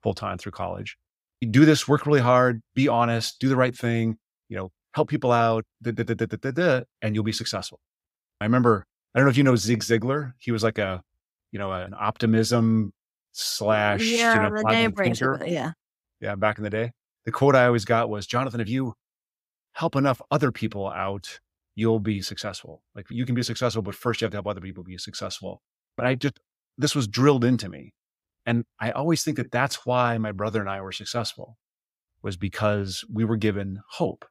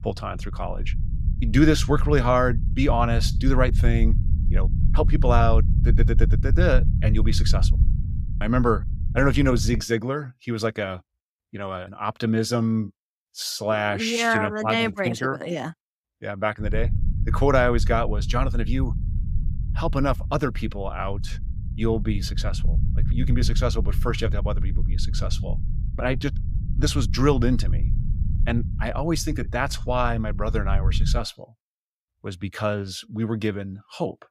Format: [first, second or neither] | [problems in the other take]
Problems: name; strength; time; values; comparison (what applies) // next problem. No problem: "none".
first | low rumble; noticeable; until 10 s and from 17 to 31 s; 15 dB below the speech